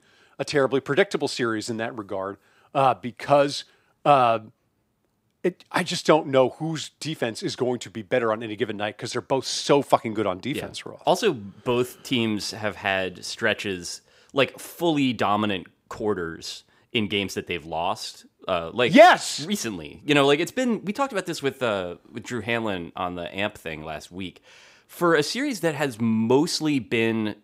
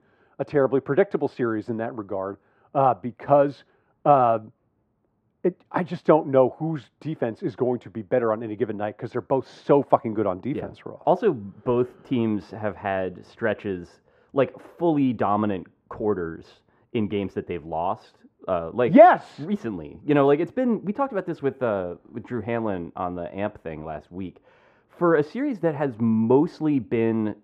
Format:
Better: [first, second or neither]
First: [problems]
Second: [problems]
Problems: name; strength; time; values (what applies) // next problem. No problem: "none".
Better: first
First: none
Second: muffled; very; fading above 3 kHz